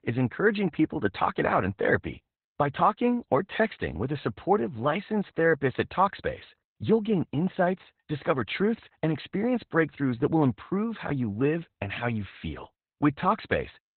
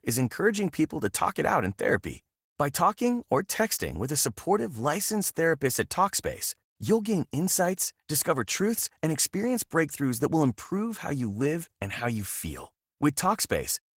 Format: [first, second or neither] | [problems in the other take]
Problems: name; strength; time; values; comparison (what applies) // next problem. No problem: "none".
second | garbled, watery; badly; nothing above 4 kHz; slightly in the second